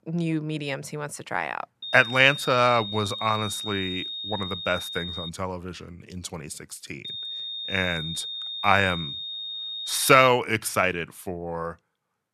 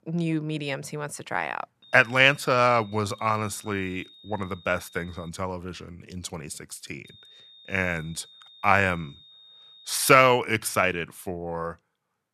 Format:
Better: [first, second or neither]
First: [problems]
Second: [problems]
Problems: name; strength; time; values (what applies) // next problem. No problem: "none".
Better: second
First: high-pitched whine; loud; from 2 to 5.5 s and from 7 to 10 s; 3.5 kHz, 8 dB below the speech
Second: high-pitched whine; faint; from 2 to 5.5 s and from 7 to 10 s; 3.5 kHz, 25 dB below the speech